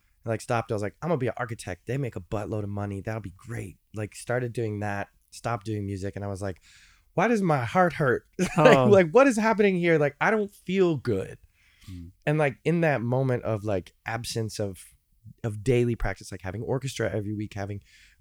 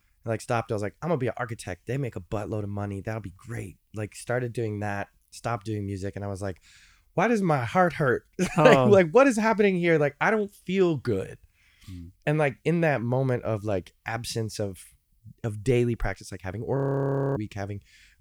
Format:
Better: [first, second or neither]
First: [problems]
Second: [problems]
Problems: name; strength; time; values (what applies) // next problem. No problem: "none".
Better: first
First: none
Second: audio freezing; at 17 s for 0.5 s